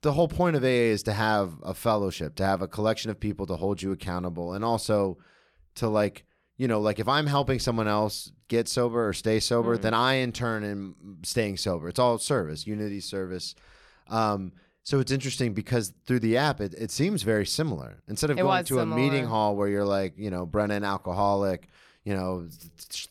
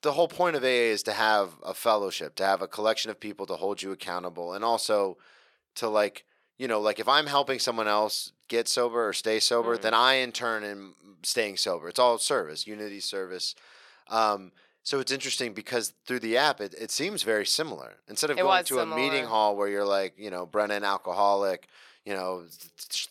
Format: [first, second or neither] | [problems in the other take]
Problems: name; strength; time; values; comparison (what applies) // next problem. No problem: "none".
first | thin; somewhat; fading below 450 Hz